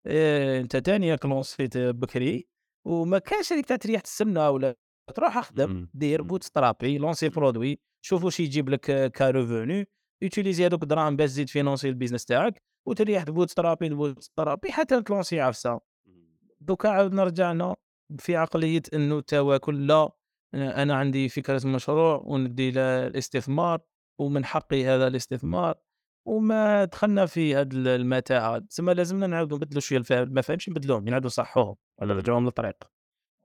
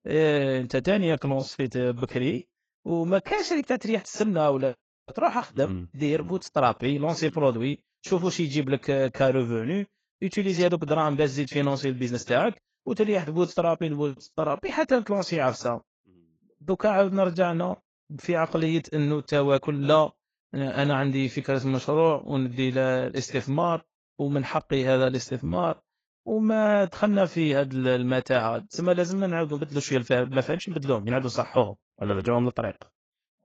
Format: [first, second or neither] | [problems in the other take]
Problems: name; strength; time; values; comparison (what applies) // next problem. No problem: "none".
first | garbled, watery; badly